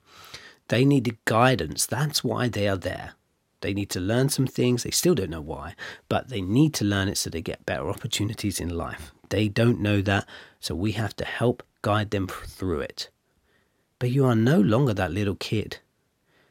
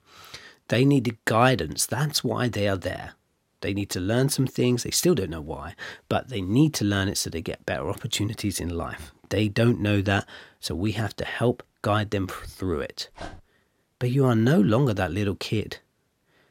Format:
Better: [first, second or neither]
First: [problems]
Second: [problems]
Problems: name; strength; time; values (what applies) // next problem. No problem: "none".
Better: first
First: none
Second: dog barking; faint; at 13 s; peak 15 dB below the speech